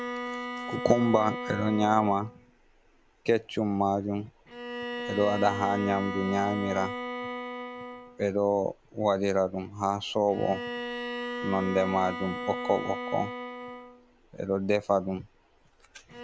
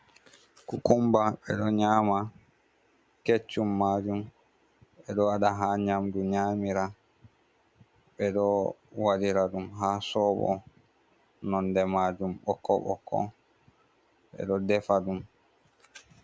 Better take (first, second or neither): second